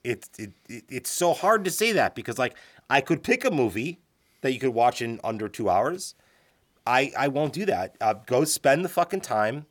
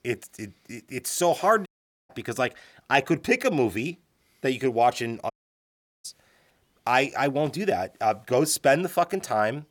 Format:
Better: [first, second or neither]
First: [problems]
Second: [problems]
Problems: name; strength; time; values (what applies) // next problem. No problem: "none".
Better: first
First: none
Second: audio cutting out; at 1.5 s and at 5.5 s for 0.5 s